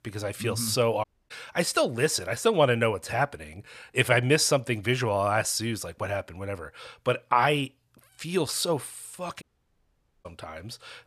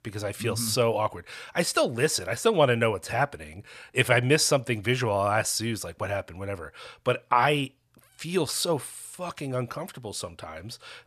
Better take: second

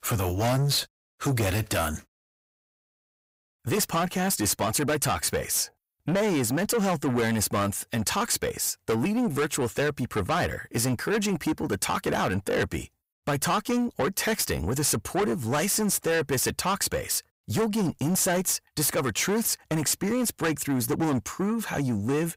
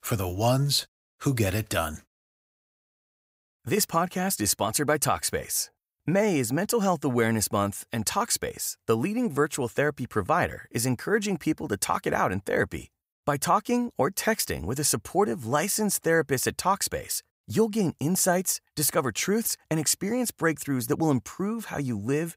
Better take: second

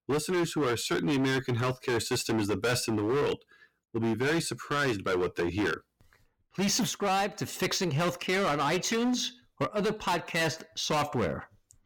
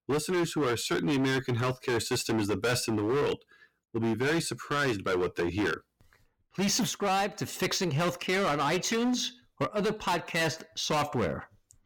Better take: neither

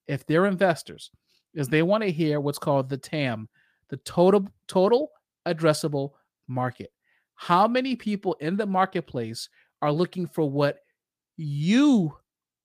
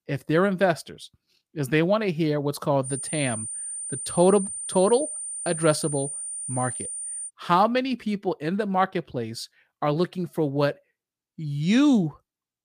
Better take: first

